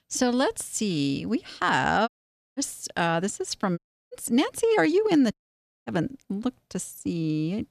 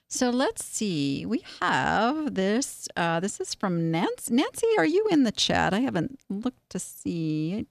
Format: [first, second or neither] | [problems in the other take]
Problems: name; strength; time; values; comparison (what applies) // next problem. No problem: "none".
second | audio cutting out; at 2 s, at 4 s and at 5.5 s for 0.5 s